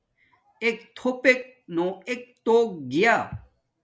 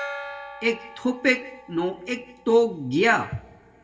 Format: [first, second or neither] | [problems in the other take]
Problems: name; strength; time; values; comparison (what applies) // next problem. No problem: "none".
first | background sound (Gong); 16 dB below the speech // room echo; dies away in 0.8 s